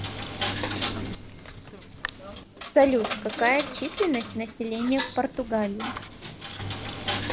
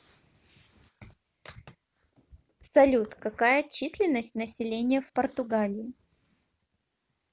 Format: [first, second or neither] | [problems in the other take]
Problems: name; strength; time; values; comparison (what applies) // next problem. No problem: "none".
second | background sound (Coin (dropping)); 6 dB below the speech